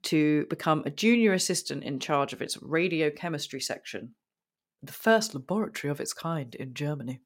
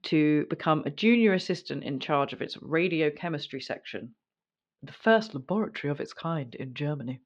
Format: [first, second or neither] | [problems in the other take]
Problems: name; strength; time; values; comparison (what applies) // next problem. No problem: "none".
first | muffled; slightly; fading above 3.5 kHz